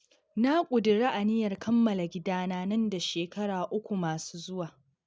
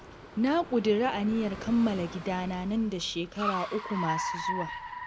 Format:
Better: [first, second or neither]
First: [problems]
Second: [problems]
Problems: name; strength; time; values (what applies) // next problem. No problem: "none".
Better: first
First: none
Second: background sound (Car); 8 dB below the speech